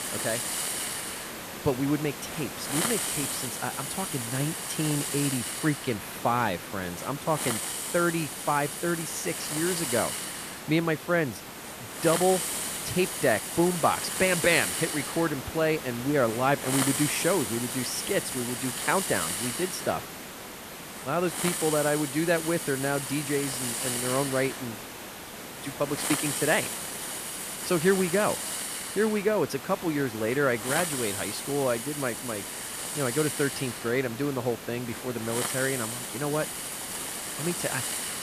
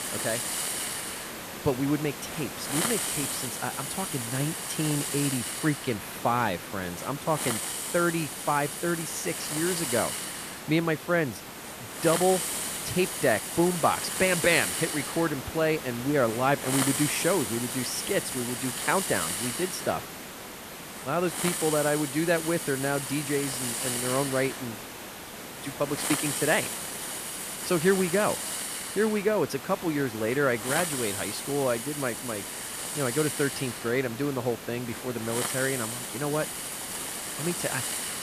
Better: neither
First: hiss; loud; throughout; 3 dB below the speech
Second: hiss; loud; throughout; 3 dB below the speech

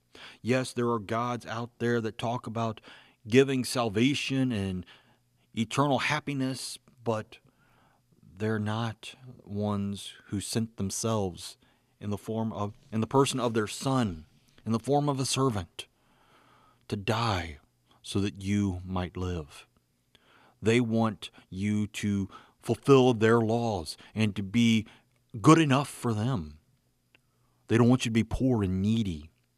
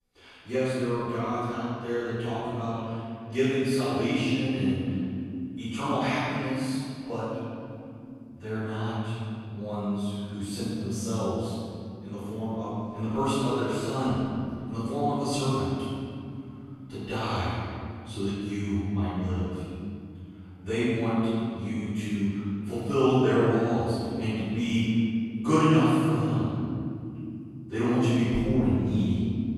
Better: first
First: none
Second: off-mic speech; far // room echo; strong; dies away in 2.9 s

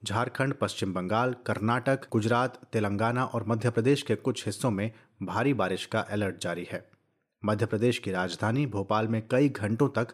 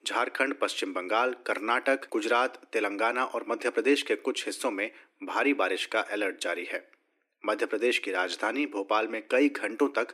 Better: first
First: none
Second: thin; very slightly; fading below 300 Hz

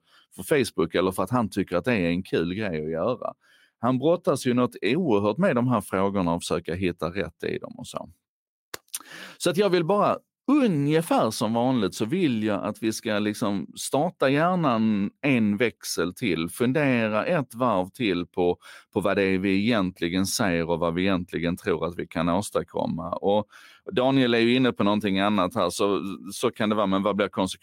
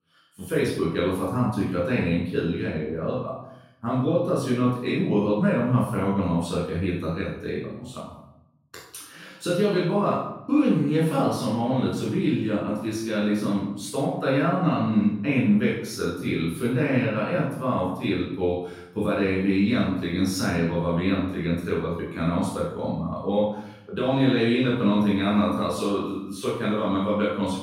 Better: first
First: none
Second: off-mic speech; far // room echo; noticeable; dies away in 0.8 s

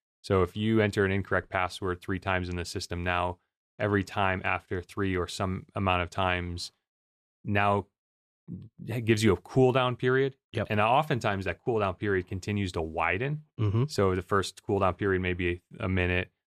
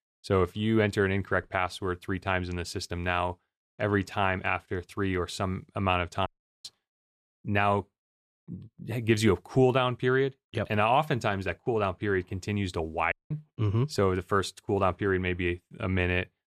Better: first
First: none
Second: audio cutting out; at 6.5 s and at 13 s

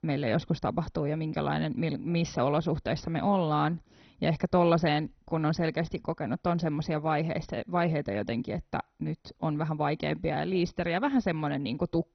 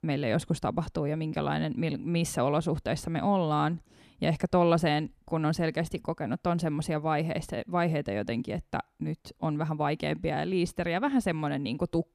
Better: second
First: garbled, watery; badly; nothing above 6 kHz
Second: none

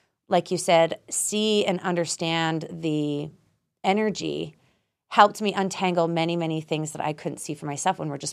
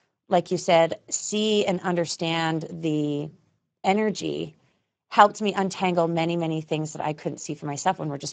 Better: first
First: none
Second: garbled, watery; badly; nothing above 7.5 kHz

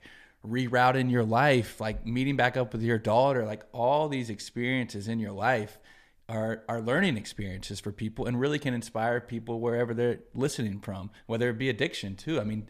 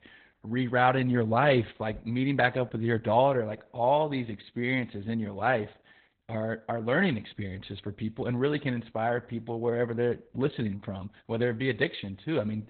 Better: first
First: none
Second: garbled, watery; badly; nothing above 4 kHz

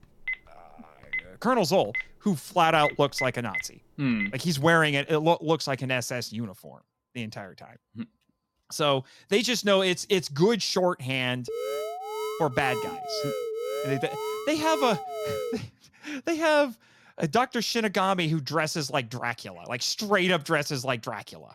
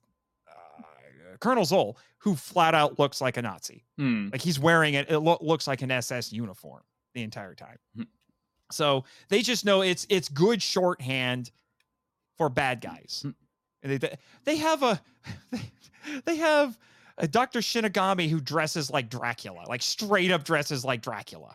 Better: second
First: phone ringing; noticeable; until 4.5 s; peak 6 dB below the speech // alarm; noticeable; from 11 to 16 s; peak 5 dB below the speech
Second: none

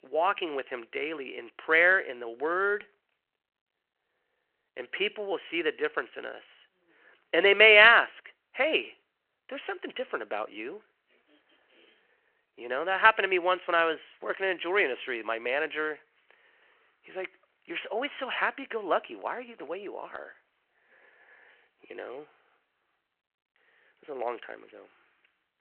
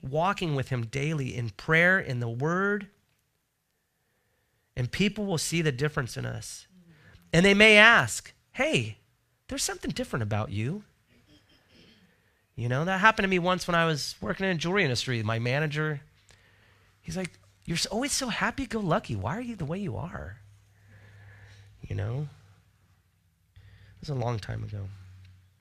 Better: second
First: phone-call audio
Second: none

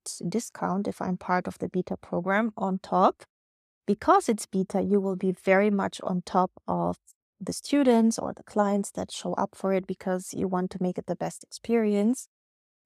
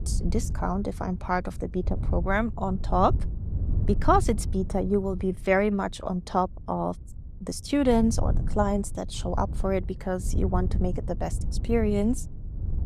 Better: first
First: none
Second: wind noise on the microphone; occasional gusts; 20 dB below the speech

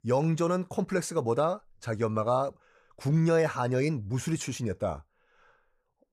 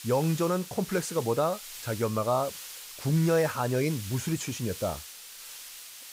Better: first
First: none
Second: hiss; noticeable; throughout; 10 dB below the speech

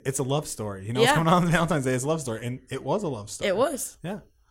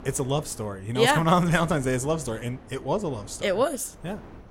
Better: first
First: none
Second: wind noise on the microphone; occasional gusts; 25 dB below the speech

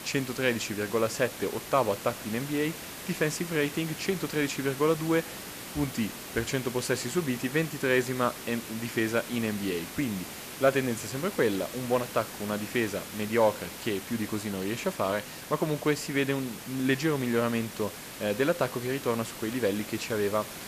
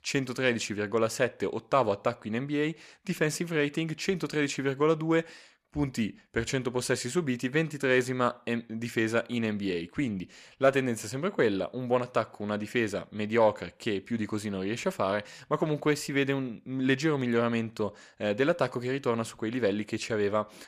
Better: second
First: hiss; loud; throughout; 10 dB below the speech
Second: none

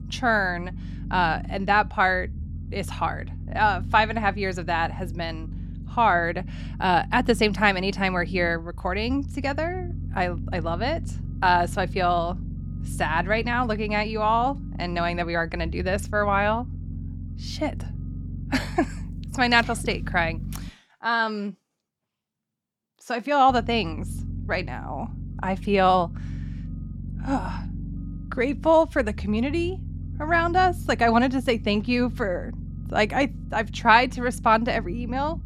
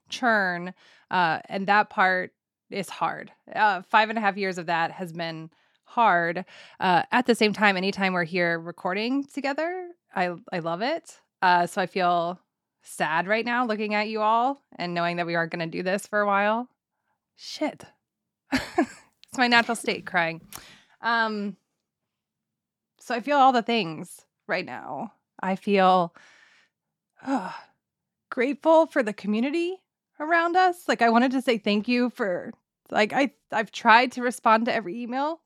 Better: second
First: low rumble; faint; until 21 s and from 23 s on; 25 dB below the speech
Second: none

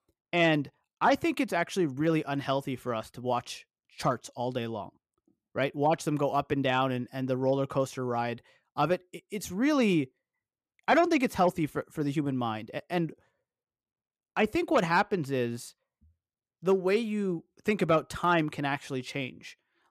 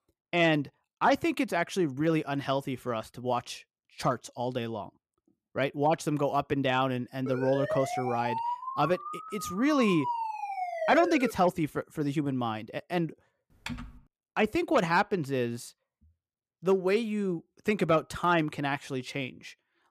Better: first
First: none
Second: siren; noticeable; from 7.5 to 11 s; peak 3 dB below the speech // keyboard typing; faint; at 14 s; peak 10 dB below the speech

